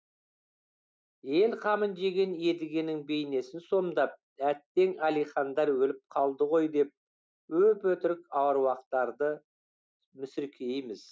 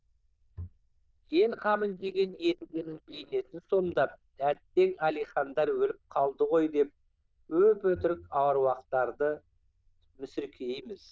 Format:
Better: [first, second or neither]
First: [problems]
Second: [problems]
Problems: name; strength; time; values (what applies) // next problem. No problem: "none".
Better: first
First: none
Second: noise reduction (neural diffusion model UNIVERSE++)